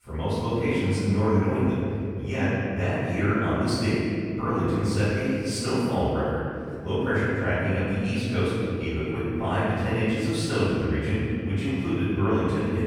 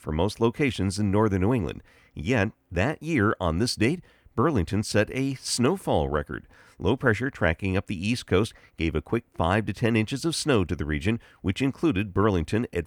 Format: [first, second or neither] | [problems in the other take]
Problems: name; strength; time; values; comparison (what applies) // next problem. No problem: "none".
second | off-mic speech; far // room echo; strong; dies away in 2.3 s